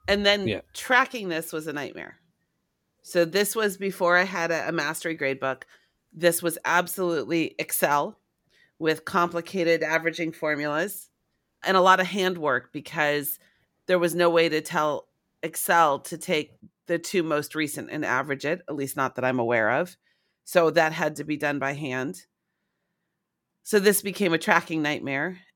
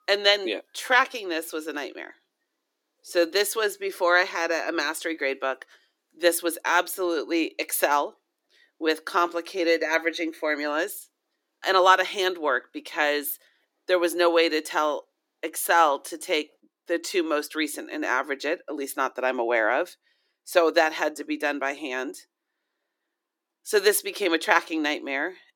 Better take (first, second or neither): first